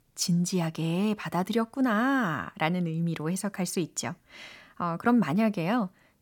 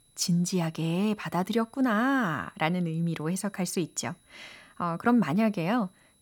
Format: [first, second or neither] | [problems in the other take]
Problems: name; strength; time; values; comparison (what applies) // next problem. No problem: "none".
first | high-pitched whine; faint; throughout; 11 kHz, 35 dB below the speech